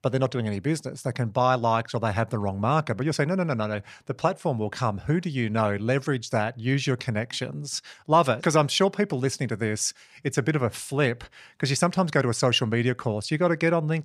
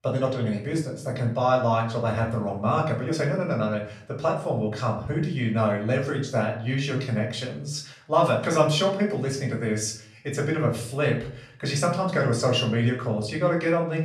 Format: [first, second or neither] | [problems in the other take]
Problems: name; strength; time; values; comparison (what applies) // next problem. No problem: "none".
first | off-mic speech; far // room echo; slight; dies away in 0.5 s